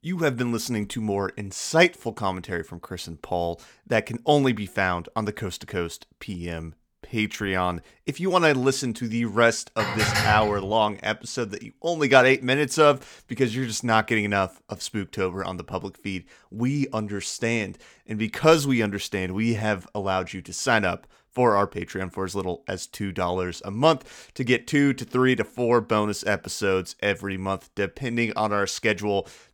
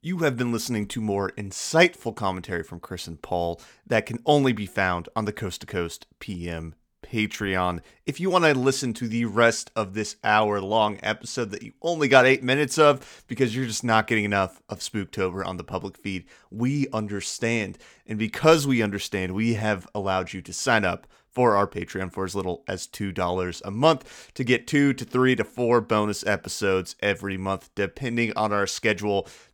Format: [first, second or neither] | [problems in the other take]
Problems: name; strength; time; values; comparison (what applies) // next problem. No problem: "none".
second | clattering dishes; loud; at 10 s; peak 2 dB above the speech